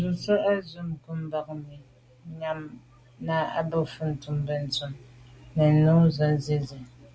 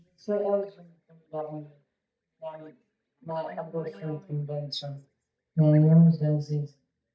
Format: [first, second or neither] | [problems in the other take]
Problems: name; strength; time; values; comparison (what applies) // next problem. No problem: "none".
first | noise reduction (neural mask model DeepFilterNet 3)